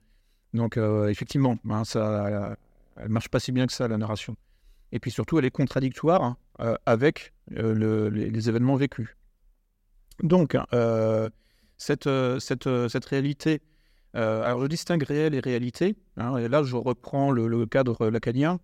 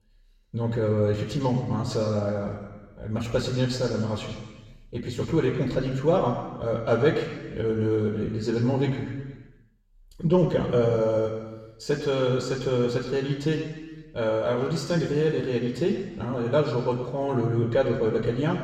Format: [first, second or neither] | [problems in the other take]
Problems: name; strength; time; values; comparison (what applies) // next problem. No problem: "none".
first | room echo; noticeable; dies away in 1.3 s // off-mic speech; somewhat distant